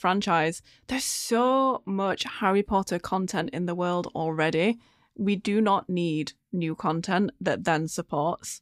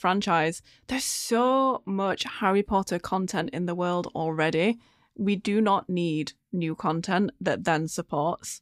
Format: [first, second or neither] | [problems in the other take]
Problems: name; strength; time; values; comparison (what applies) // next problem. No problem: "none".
neither | none